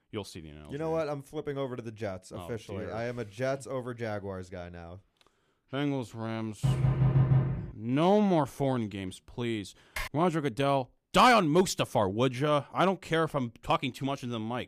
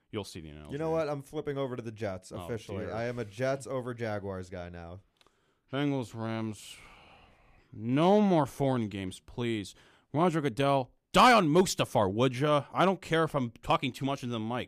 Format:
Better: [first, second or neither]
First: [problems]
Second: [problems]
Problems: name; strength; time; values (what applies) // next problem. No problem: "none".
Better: second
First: door banging; loud; from 6.5 to 7.5 s; peak 5 dB above the speech // keyboard typing; noticeable; at 10 s; peak 8 dB below the speech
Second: none